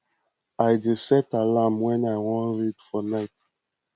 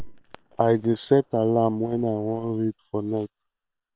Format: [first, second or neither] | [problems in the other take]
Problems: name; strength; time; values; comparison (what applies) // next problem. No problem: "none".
first | noise reduction (neural separator model SepFormer WHAM!)